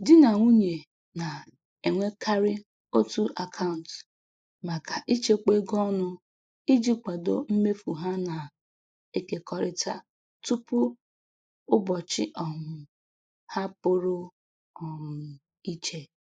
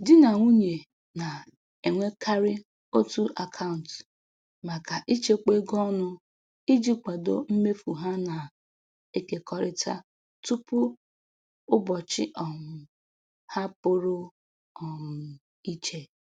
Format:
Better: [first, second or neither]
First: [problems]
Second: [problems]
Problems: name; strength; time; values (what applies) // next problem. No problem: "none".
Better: second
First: noise reduction (neural mask model Resemble Enhance denoiser)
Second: none